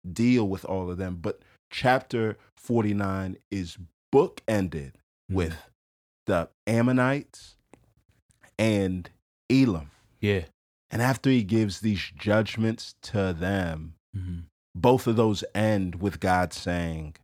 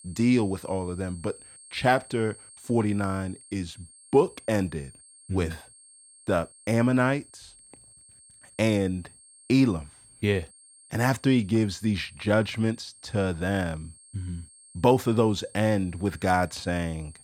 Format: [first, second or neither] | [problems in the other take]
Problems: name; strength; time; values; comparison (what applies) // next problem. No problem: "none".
first | high-pitched whine; faint; throughout; 8.5 kHz, 25 dB below the speech